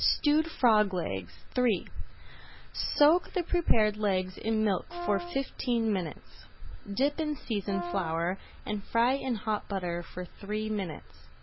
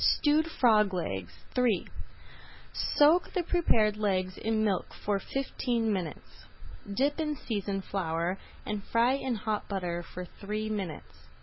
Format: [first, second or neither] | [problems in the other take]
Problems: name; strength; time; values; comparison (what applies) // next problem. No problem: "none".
second | background sound (Brass instrument); 11 dB below the speech